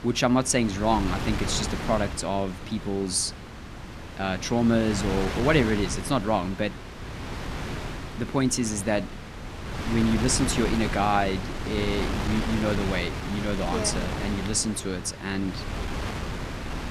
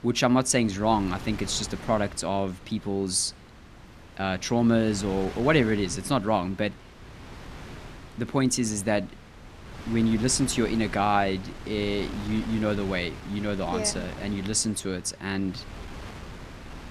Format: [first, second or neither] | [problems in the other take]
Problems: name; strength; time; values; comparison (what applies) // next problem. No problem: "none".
second | wind noise on the microphone; heavy; 7 dB below the speech; occasional gusts in the second